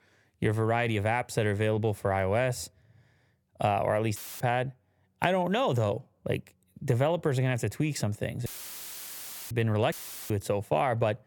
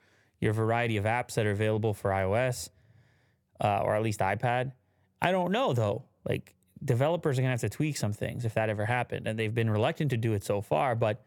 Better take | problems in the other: second | audio cutting out; filled with static; at 4 s, at 8.5 s for 1 s and at 10 s

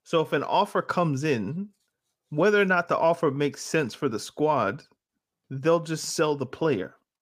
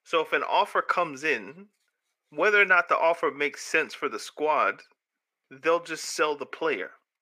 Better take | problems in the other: first | thin; somewhat; fading below 450 Hz

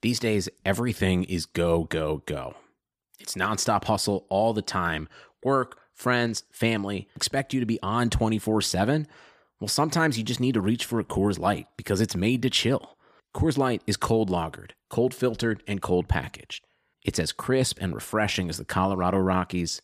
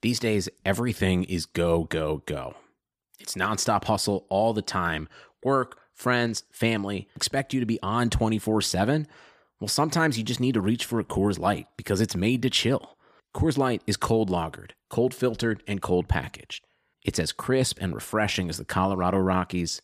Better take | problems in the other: neither | none

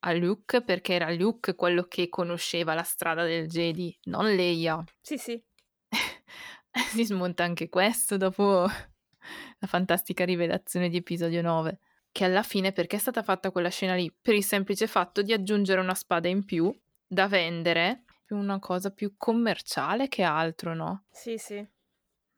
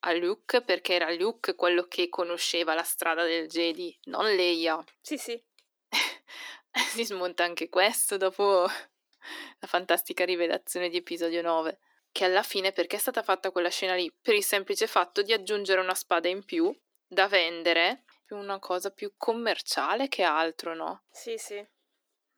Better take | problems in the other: first | thin; somewhat; fading below 300 Hz

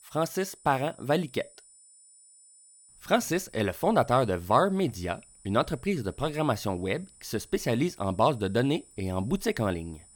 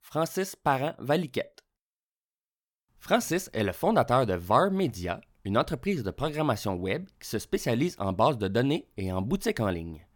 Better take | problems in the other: second | high-pitched whine; faint; throughout; 9 kHz, 25 dB below the speech

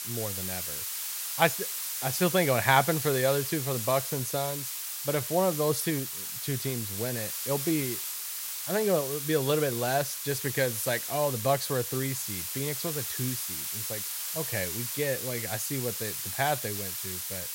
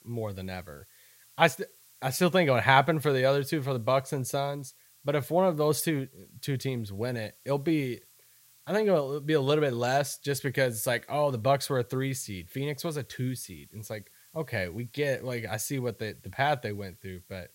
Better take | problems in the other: second | hiss; loud; throughout; 3 dB below the speech; faint in the second

